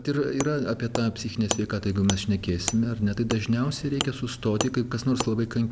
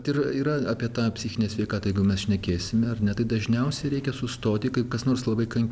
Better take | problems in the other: second | background sound (Wood); 10 dB below the speech

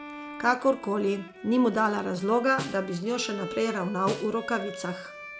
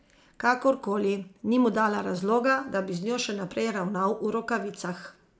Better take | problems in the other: second | background sound (Snare drum + Bowed string instrument); 12 dB below the speech

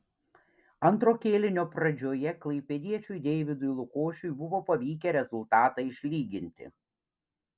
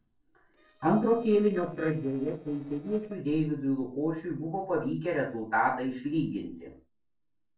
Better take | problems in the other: first | noise reduction (neural separator model SepFormer DNS4)

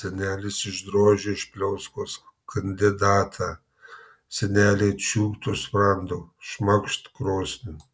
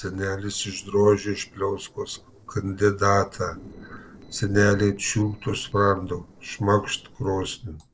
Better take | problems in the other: first | noise reduction (neural separator model SepFormer DNS4)

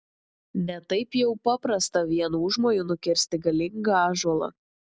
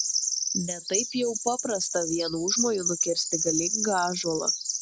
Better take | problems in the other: first | background sound (Bird vocalization, bird call, bird song); as loud as the speech

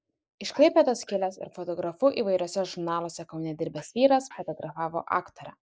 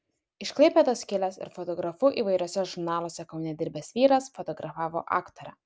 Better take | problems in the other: second | noise reduction (neural mask model Resemble Enhance denoiser)

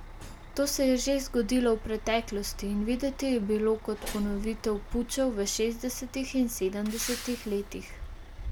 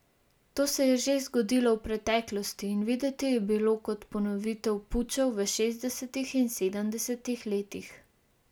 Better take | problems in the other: second | background sound (Truck); 11 dB below the speech

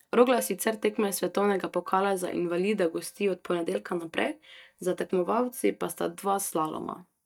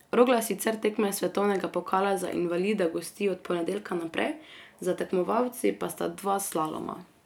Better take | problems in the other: second | noise reduction (neural mask model DeepFilterNet 3)

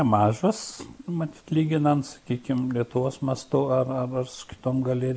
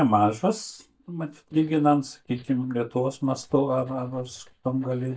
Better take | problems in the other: first | noise reduction (neural mask model DeepFilterNet 3)

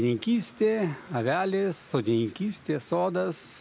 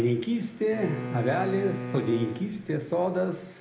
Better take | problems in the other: first | background sound (Bowed string instrument); 9 dB below the speech // room echo; dies away in 0.8 s

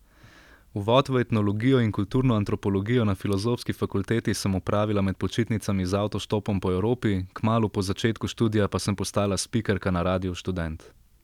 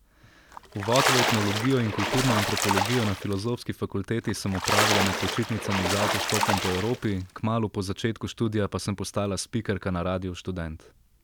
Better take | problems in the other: first | background sound (Splash, splatter); as loud as the speech

